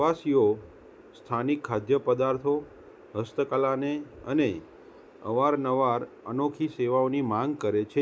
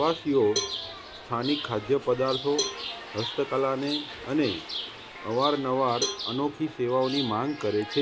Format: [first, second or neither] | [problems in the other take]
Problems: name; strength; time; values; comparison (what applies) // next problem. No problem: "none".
first | background sound (Cowbell + Chirp, tweet); 8 dB below the speech